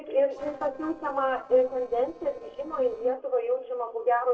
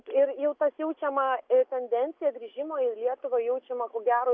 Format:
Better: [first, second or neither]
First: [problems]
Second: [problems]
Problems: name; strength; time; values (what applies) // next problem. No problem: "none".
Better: second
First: noise reduction (neural separator model SepFormer DNS4)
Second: none